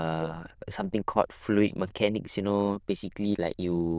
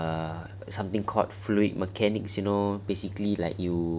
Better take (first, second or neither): second